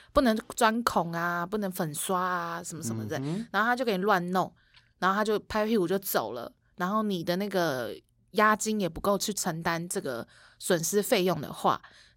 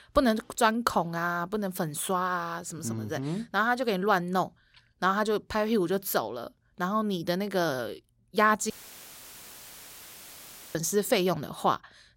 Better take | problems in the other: first | audio cutting out; filled with static; at 8.5 s for 2 s

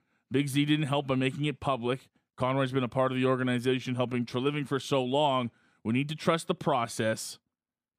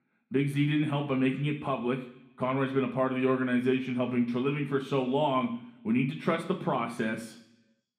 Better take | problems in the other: first | room echo; slight; dies away in 0.8 s // off-mic speech; somewhat distant

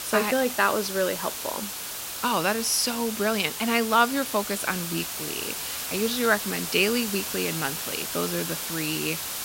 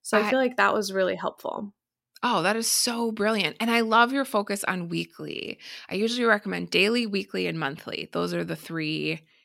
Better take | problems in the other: second | hiss; loud; throughout; 4 dB below the speech

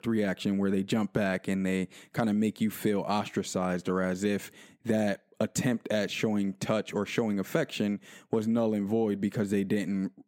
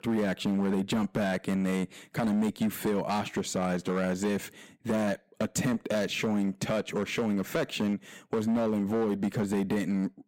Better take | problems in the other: first | distortion; slight; 11% of the sound clipped

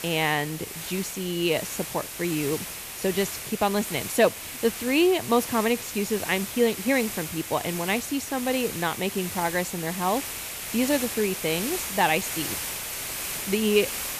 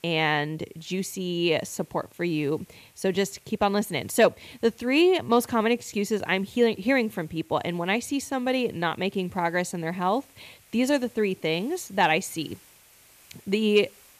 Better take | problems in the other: second | hiss; loud; throughout; 6 dB below the speech; faint in the second

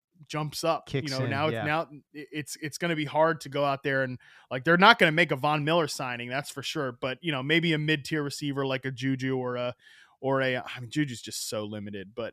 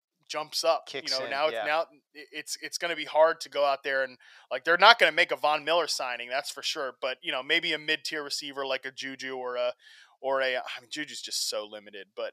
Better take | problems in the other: first | thin; very; fading below 550 Hz

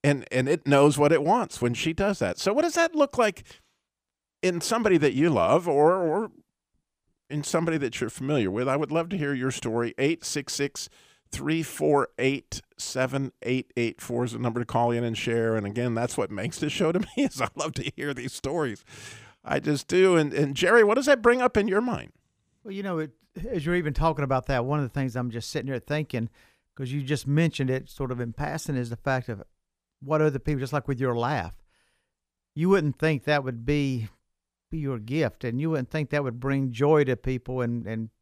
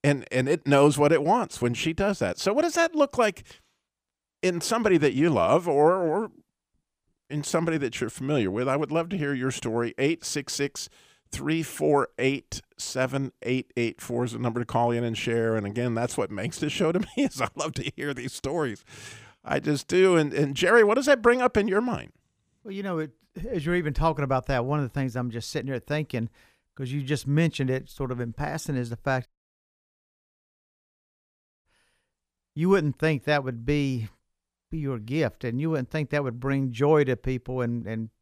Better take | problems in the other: first | audio cutting out; at 29 s for 2.5 s

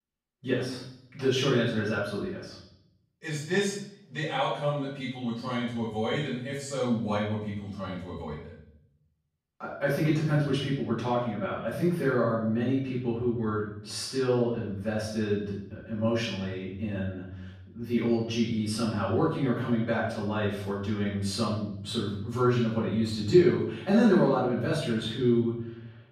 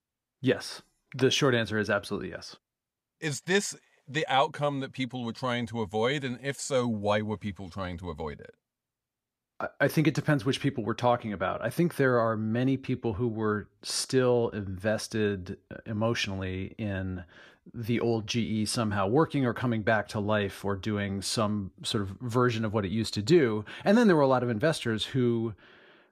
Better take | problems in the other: second | off-mic speech; far // room echo; noticeable; dies away in 0.7 s

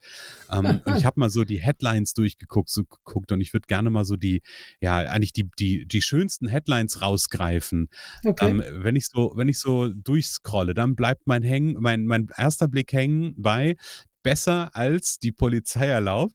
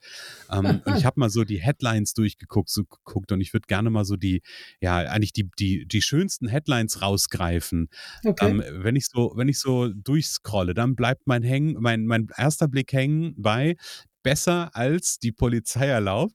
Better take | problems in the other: second | garbled, watery; slightly

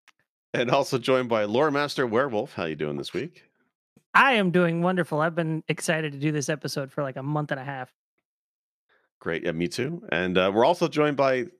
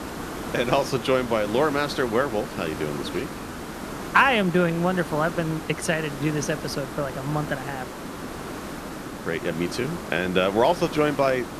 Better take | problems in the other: first | hiss; loud; throughout; 10 dB below the speech

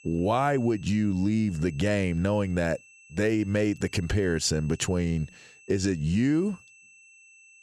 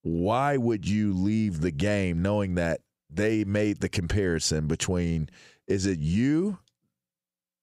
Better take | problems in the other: second | high-pitched whine; faint; throughout; 2.5 kHz, 25 dB below the speech

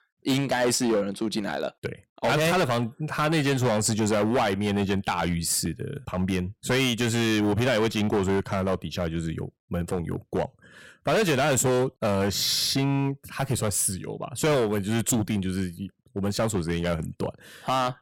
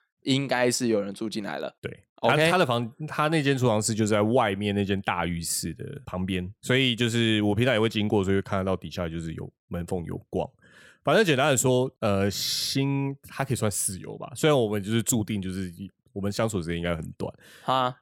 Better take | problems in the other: second | distortion; heavy; 12% of the sound clipped

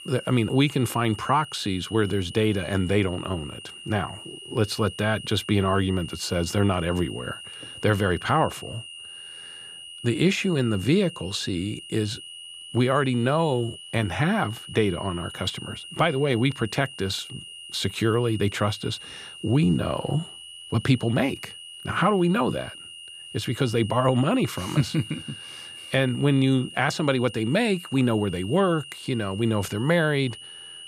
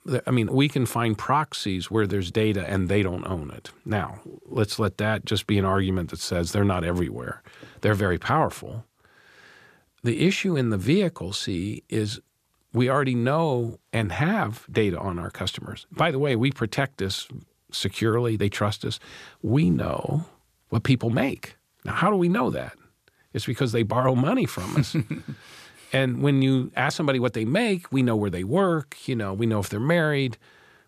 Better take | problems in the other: second | high-pitched whine; noticeable; throughout; 3 kHz, 15 dB below the speech

